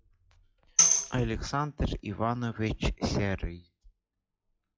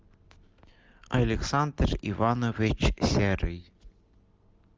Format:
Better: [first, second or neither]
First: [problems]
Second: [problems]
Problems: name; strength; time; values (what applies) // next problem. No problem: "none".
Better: second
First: noise reduction (classical method log-MMSE)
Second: none